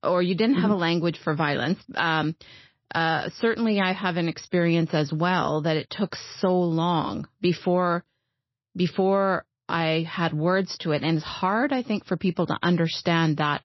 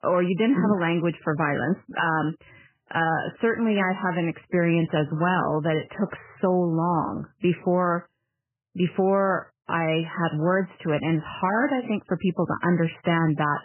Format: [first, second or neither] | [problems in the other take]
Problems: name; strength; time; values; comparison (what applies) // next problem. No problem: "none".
first | garbled, watery; badly; nothing above 3 kHz; slightly in the first